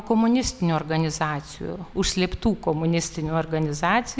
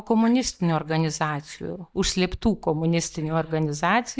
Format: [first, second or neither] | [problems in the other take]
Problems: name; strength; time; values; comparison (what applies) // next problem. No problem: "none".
first | noise reduction (neural mask model DeepFilterNet 3)